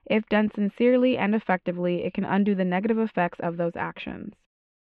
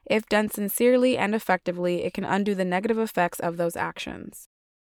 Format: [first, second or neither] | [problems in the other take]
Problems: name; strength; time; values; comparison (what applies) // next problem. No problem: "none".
second | muffled; very; fading above 3 kHz